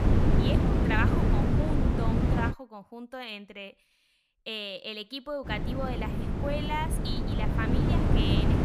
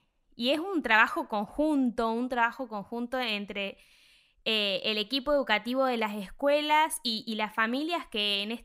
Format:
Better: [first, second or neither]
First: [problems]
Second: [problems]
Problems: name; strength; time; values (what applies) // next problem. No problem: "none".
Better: second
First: wind noise on the microphone; heavy; until 2.5 s and from 5.5 s on; 1 dB above the speech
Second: none